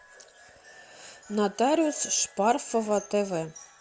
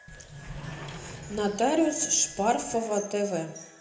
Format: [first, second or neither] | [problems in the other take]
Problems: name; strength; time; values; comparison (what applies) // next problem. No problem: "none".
first | background sound (Sliding door); 14 dB below the speech // room echo; dies away in 0.7 s